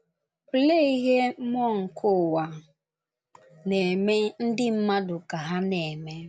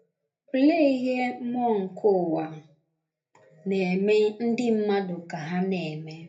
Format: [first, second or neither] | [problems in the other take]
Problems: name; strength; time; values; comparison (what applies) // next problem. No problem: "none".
first | room echo; dies away in 0.3 s